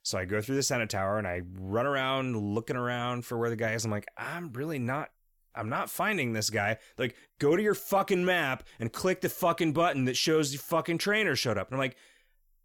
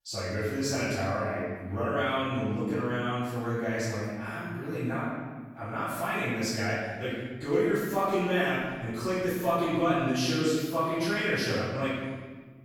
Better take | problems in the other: first | off-mic speech; far // room echo; strong; dies away in 1.4 s

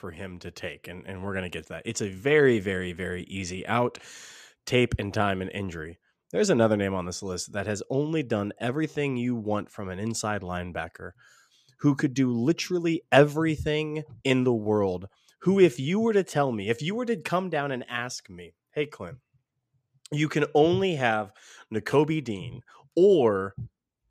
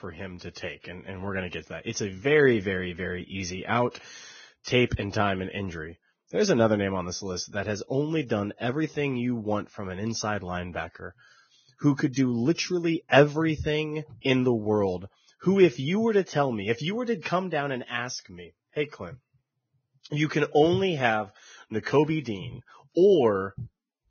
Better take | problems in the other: first | garbled, watery; badly; nothing above 6.5 kHz

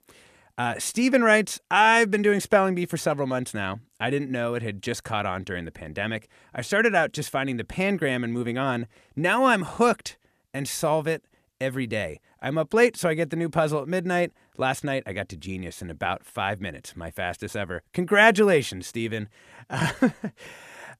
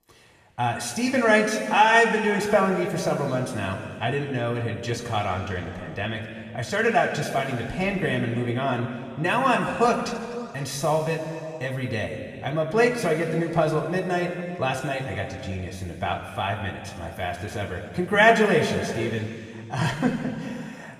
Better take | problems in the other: first | room echo; noticeable; dies away in 2.2 s // off-mic speech; somewhat distant

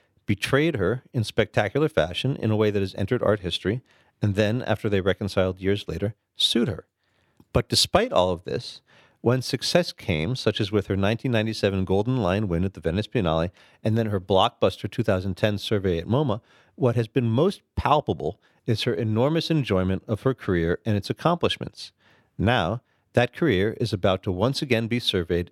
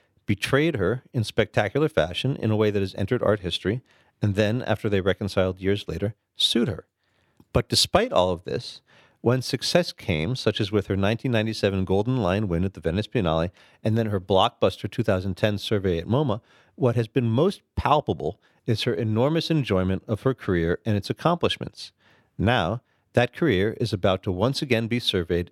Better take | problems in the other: neither | none

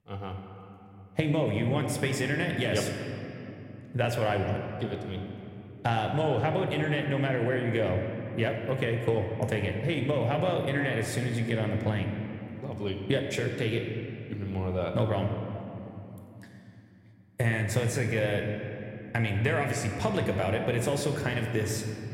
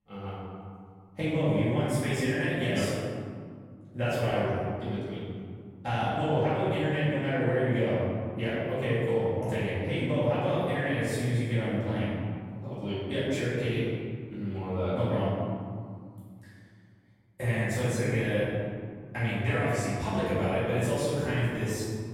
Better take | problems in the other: first | room echo; strong; dies away in 2.1 s; slight in the first // off-mic speech; far

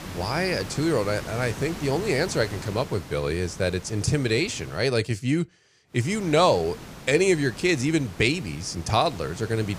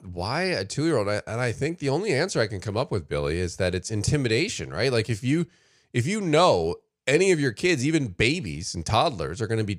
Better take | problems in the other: second | hiss; noticeable; until 5 s and from 6 s on; 15 dB below the speech

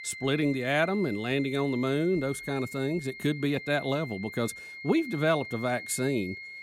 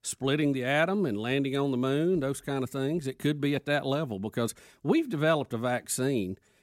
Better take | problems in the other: second | high-pitched whine; noticeable; throughout; 2 kHz, 10 dB below the speech

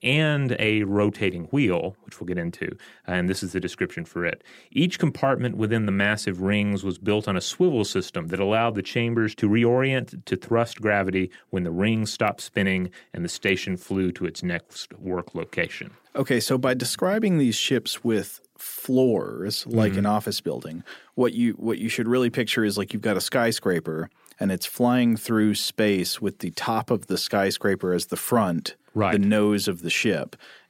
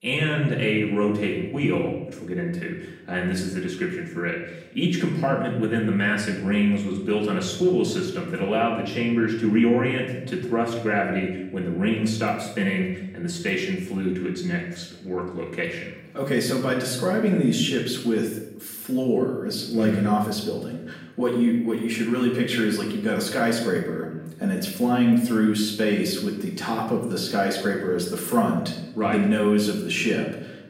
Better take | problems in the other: first | off-mic speech; far // room echo; noticeable; dies away in 0.8 s

